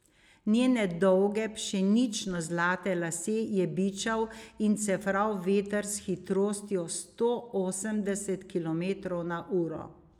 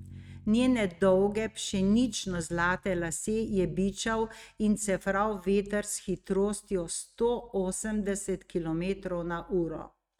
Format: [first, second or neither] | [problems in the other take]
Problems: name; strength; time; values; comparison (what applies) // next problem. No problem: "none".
first | noise reduction (neural mask model RNNoise)